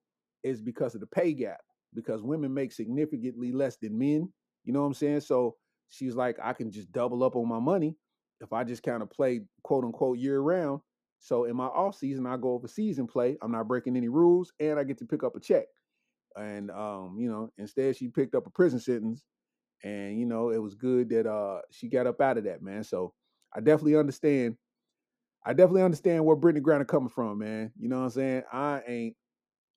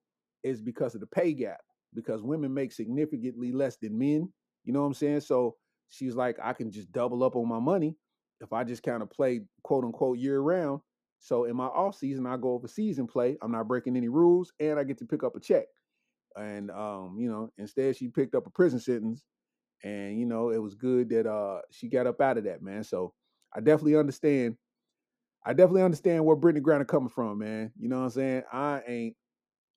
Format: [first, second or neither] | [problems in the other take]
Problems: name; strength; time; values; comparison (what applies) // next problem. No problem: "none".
neither | muffled; slightly; fading above 1 kHz; the same in both